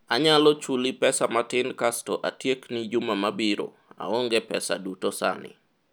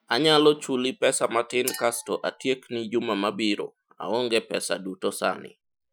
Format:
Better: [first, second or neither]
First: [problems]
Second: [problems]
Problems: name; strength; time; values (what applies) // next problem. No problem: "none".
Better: first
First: none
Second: noise reduction (classical method Wiener filter)